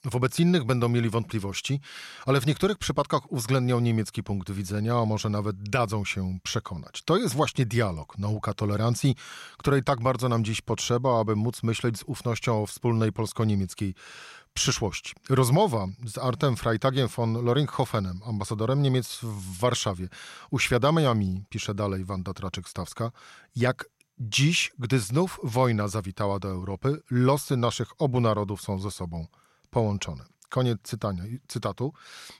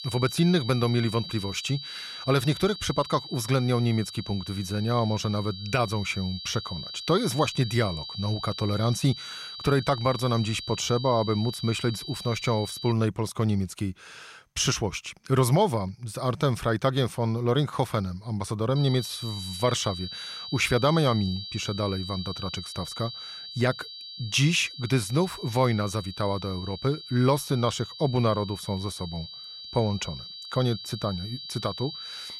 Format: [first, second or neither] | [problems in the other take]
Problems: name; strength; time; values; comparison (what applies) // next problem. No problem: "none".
first | high-pitched whine; loud; until 13 s and from 19 s on; 4 kHz, 10 dB below the speech